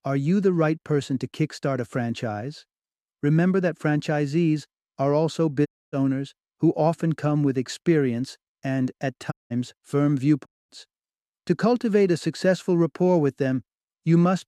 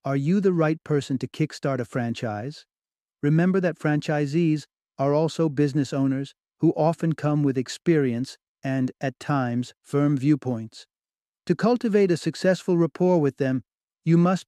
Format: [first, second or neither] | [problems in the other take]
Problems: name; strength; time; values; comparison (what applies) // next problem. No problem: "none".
second | audio cutting out; at 5.5 s, at 9.5 s and at 10 s